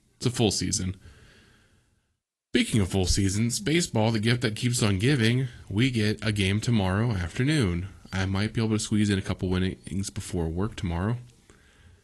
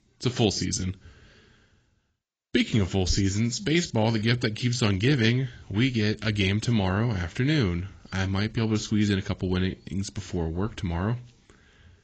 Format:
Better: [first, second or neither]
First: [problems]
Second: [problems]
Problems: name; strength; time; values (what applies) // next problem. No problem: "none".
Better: first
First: garbled, watery; slightly; nothing above 11.5 kHz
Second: garbled, watery; badly; nothing above 7.5 kHz